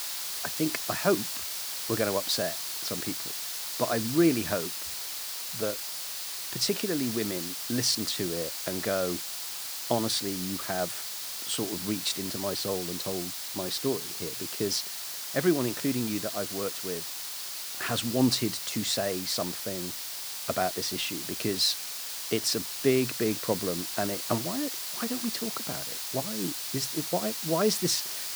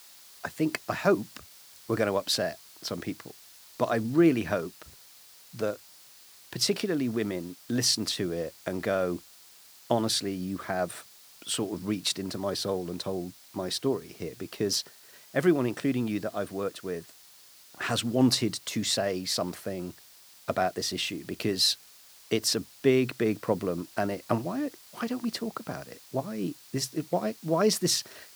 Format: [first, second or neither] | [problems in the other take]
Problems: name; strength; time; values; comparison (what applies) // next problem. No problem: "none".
second | hiss; loud; throughout; 2 dB below the speech; faint in the second